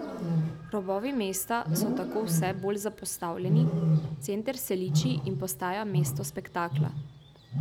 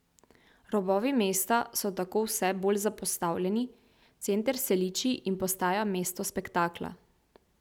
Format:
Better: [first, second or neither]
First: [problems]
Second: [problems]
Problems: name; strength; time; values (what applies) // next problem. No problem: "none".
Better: second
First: background sound (Wild animals); 2 dB above the speech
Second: none